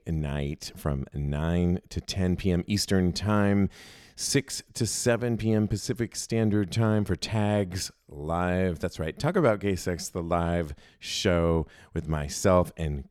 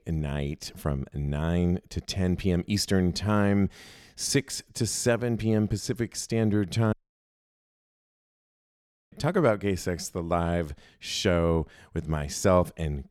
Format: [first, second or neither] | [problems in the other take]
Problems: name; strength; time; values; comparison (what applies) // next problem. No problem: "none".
first | audio cutting out; at 7 s for 2 s